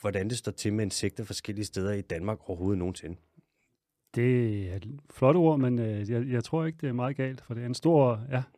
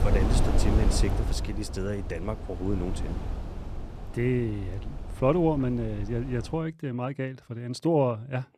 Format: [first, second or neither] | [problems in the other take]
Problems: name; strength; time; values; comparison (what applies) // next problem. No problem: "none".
first | wind noise on the microphone; heavy; until 6.5 s; 9 dB below the speech